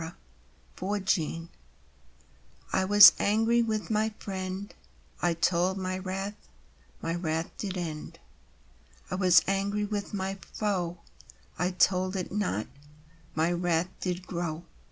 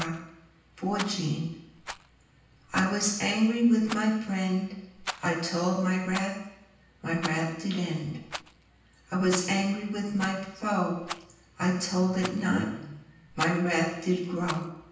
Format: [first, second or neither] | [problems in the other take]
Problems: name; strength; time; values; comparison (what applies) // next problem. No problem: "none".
first | background sound (Rattle); 14 dB below the speech // room echo; dies away in 0.9 s